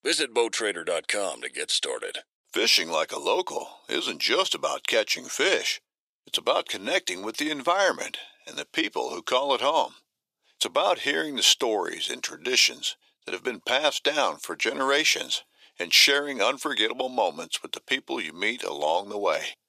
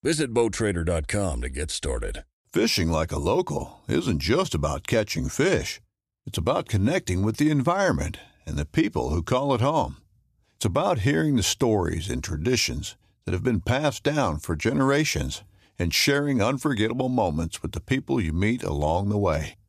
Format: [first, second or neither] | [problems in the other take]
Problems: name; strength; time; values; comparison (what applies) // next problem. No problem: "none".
second | thin; very; fading below 450 Hz